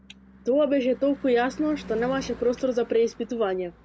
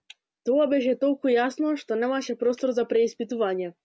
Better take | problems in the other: second | background sound (Car passing by / Engine / Truck); 19 dB below the speech

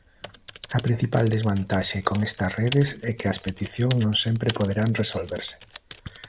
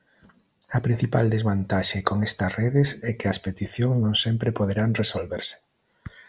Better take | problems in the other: second | background sound (Typing); 17 dB below the speech

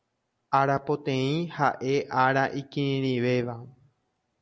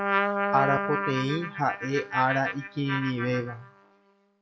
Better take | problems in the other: first | noise reduction (classical method log-MMSE)

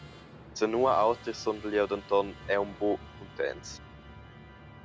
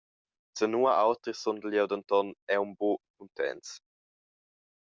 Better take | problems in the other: second | background sound (Musical instrument); 16 dB below the speech

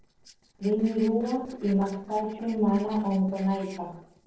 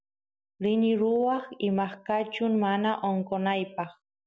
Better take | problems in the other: second | noise reduction (neural separator model SepFormer DNS4)

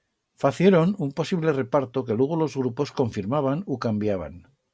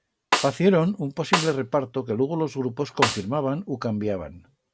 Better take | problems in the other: first | background sound (Snare drum); 2 dB below the speech

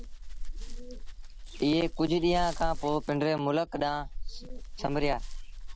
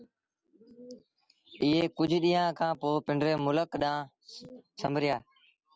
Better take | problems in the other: second | background sound (Dog); 5 dB below the speech

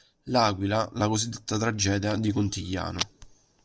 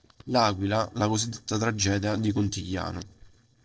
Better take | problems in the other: first | noise reduction (neural separator model SepFormer DNS4)

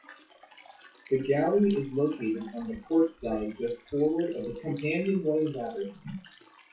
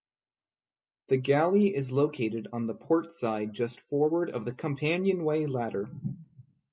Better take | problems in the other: second | noise reduction (classical method WPE with log-MMSE)

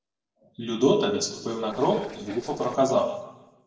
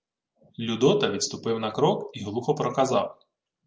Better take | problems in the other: second | noise reduction (neural separator model SepFormer DNS4)

